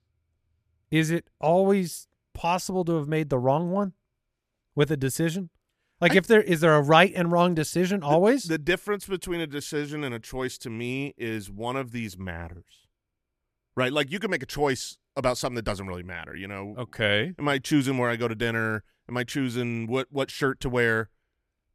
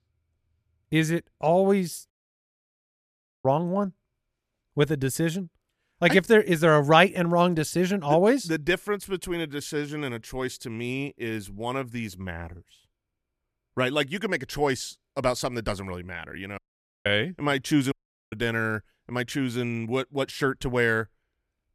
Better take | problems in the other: first | audio cutting out; at 2 s for 1.5 s, at 17 s and at 18 s

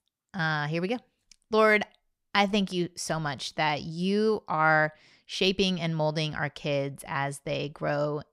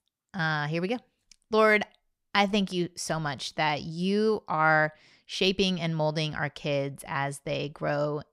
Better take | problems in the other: neither | none

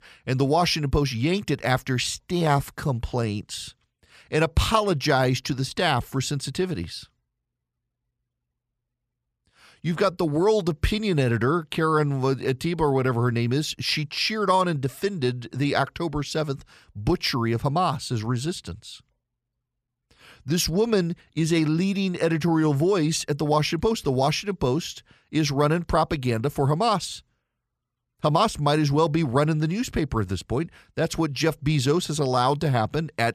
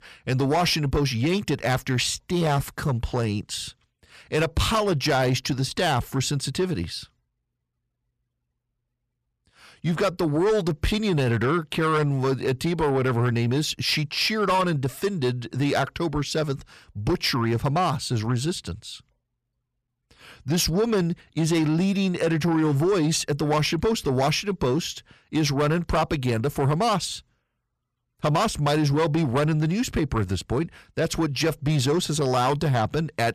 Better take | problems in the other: first | distortion; slight; 10 dB below the speech

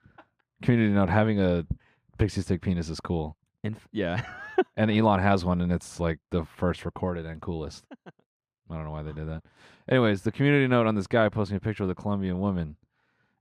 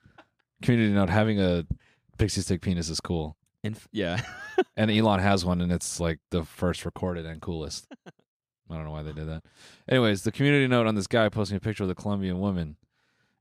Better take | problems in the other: second | muffled; slightly; fading above 3.5 kHz

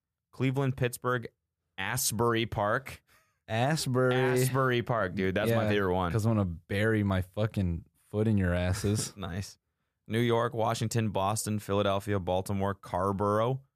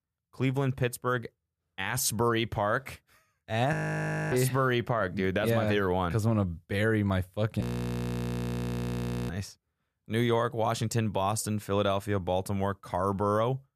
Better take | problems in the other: first | audio freezing; at 3.5 s for 0.5 s and at 7.5 s for 1.5 s

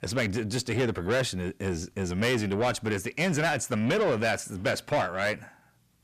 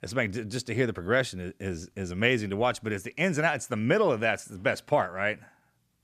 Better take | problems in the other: second | distortion; heavy; 7 dB below the speech

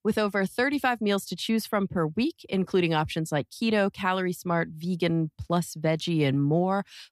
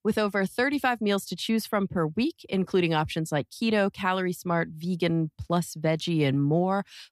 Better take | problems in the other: neither | none

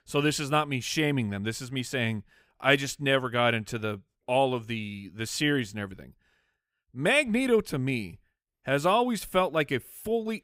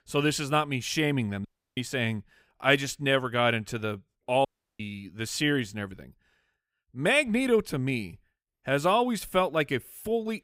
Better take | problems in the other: first | audio cutting out; at 1.5 s and at 4.5 s

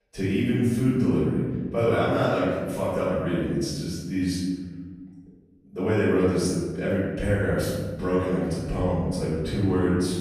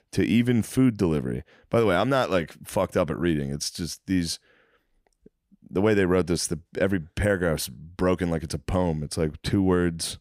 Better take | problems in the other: second | off-mic speech; far // room echo; strong; dies away in 1.5 s

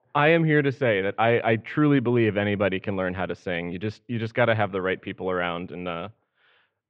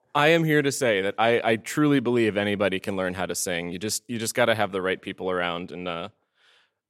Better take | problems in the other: second | muffled; very; fading above 3 kHz

